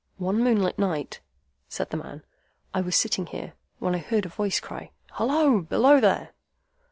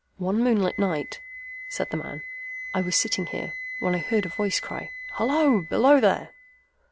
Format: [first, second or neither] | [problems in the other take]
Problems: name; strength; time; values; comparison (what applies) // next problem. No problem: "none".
first | background sound (Wind instrument, woodwind instrument); 12 dB below the speech